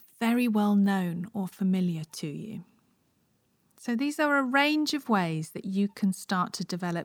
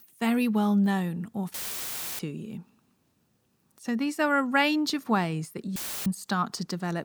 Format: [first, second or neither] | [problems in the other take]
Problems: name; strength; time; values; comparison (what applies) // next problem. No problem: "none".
first | audio cutting out; filled with static; at 1.5 s for 0.5 s and at 6 s